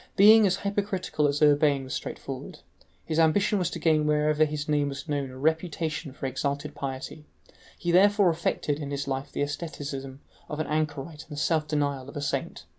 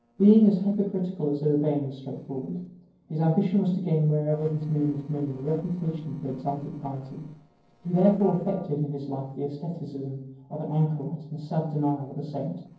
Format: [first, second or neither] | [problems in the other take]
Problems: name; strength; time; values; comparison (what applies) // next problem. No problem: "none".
first | noise reduction (neural separator model SepFormer DNS4)